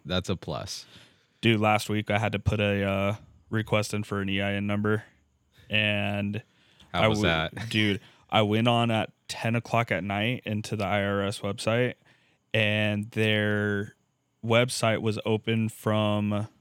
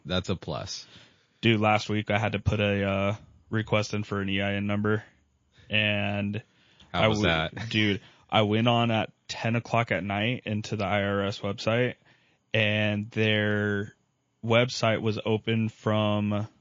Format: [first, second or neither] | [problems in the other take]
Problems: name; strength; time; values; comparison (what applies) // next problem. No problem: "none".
first | garbled, watery; slightly; nothing above 6 kHz